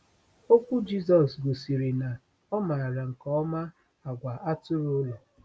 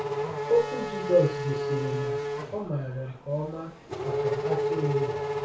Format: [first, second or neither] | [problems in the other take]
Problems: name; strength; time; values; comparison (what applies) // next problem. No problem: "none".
first | background sound (Race car, auto racing / Accelerating, revving, vroom); 1 dB below the speech // room echo; dies away in 0.3 s